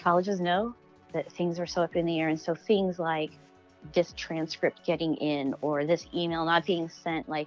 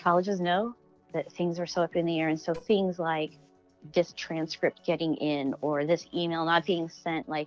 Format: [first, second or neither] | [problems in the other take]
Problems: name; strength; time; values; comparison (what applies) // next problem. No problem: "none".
first | noise reduction (neural separator model SepFormer DNS4)